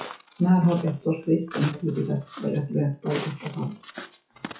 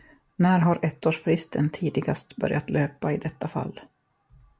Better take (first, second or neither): second